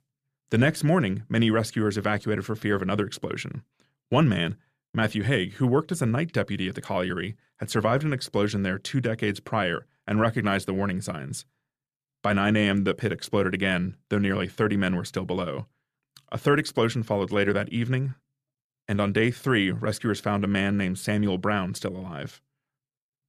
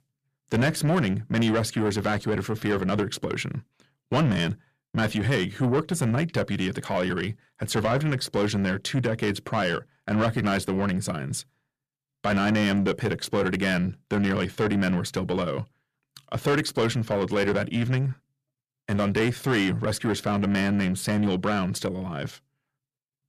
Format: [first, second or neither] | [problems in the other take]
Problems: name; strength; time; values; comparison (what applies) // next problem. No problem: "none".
first | distortion; slight; 10 dB below the speech